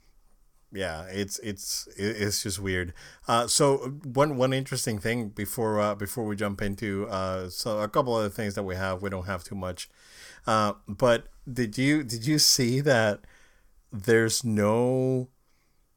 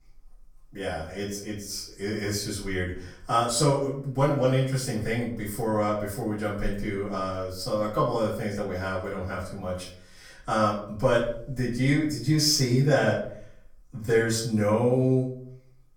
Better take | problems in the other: first | off-mic speech; far // room echo; noticeable; dies away in 0.5 s

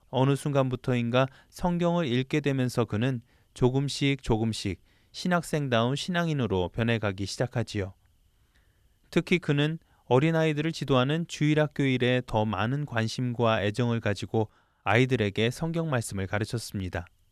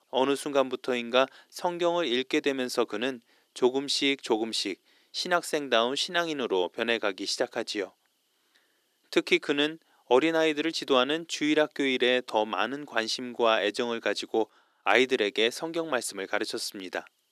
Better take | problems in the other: first | thin; somewhat; fading below 300 Hz

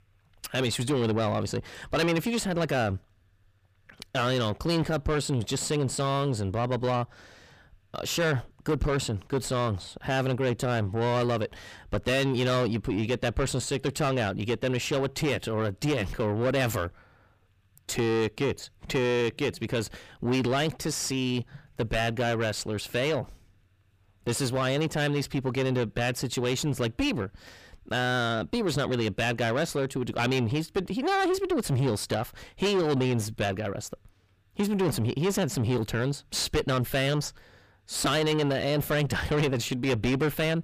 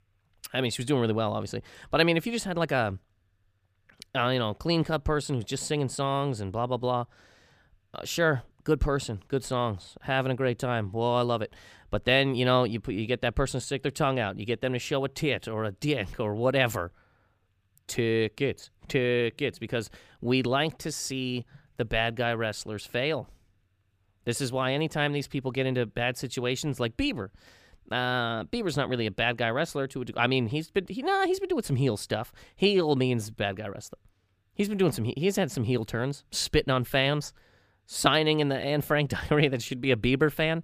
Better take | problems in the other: second | distortion; heavy; 8 dB below the speech

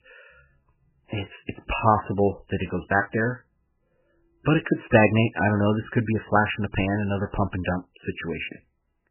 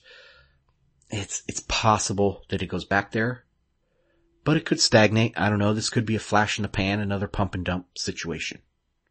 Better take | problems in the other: second | garbled, watery; badly; nothing above 3 kHz; slightly in the second

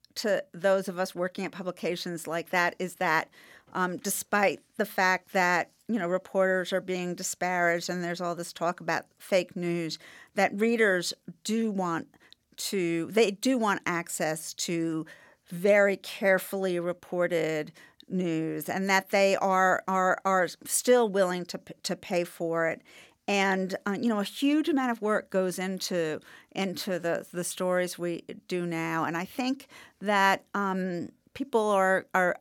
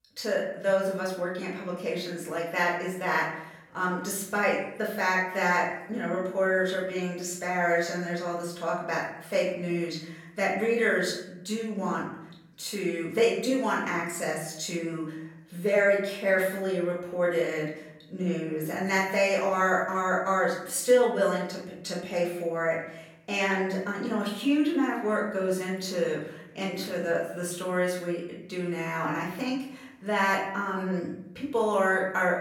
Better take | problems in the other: first | off-mic speech; far // room echo; noticeable; dies away in 0.7 s

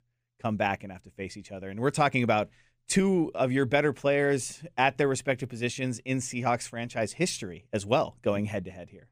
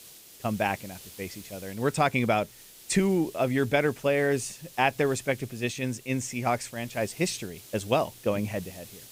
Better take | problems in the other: first | hiss; noticeable; throughout; 20 dB below the speech

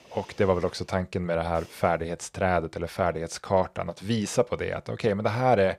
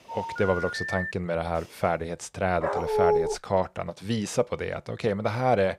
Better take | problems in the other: first | phone ringing; noticeable; until 1 s; peak 3 dB below the speech // dog barking; loud; at 2.5 s; peak 5 dB above the speech

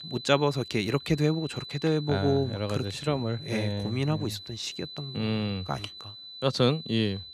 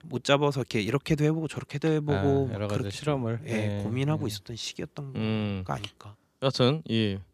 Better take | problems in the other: second | high-pitched whine; noticeable; throughout; 4 kHz, 10 dB below the speech

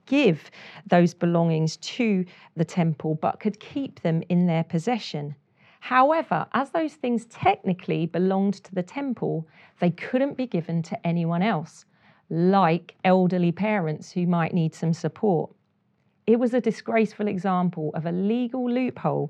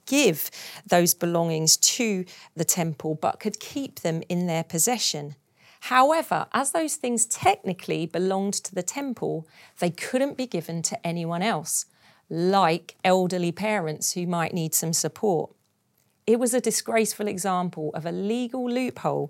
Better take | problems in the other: second | muffled; very; fading above 3 kHz

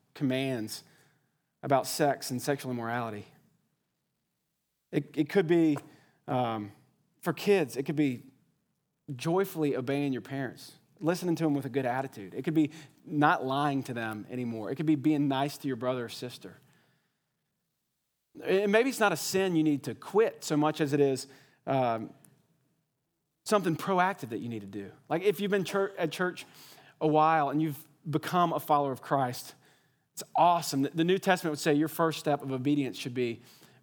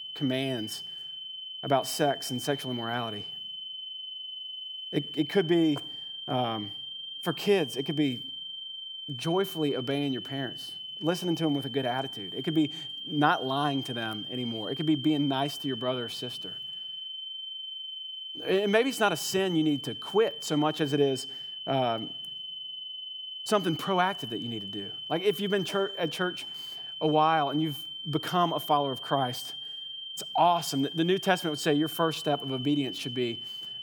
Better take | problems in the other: first | high-pitched whine; loud; throughout; 3 kHz, 7 dB below the speech

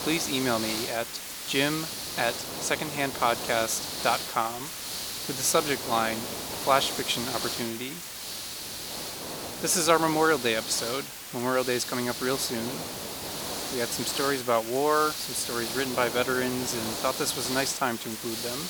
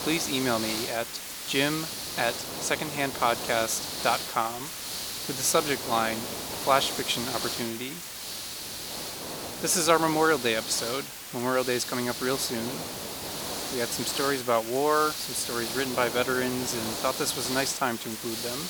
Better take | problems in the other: neither | hiss; loud; throughout; 5 dB below the speech; the same in both

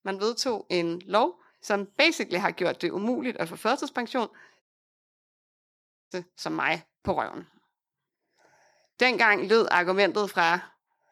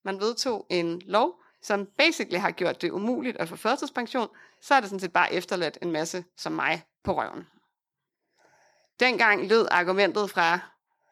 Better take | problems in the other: second | audio cutting out; at 4.5 s for 1.5 s

